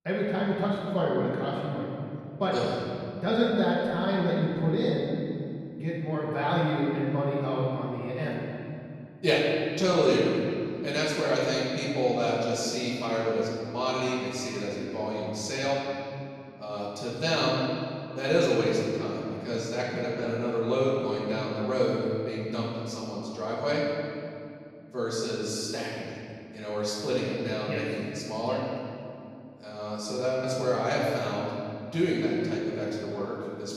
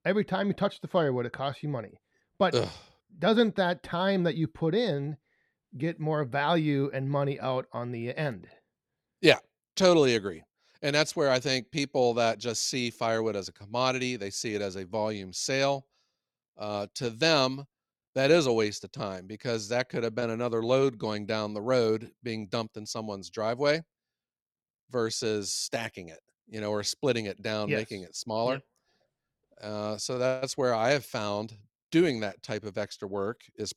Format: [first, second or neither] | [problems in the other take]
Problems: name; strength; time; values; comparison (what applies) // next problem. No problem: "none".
second | off-mic speech; far // room echo; strong; dies away in 2.6 s